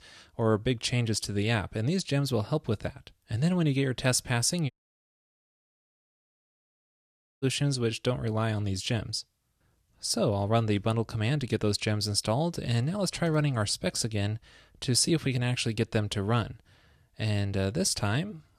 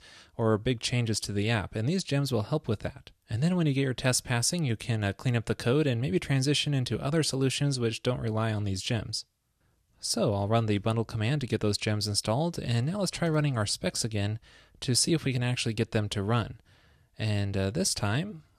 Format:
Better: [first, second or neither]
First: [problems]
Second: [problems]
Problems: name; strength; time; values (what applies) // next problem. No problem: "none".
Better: second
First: audio cutting out; at 4.5 s for 2.5 s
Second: none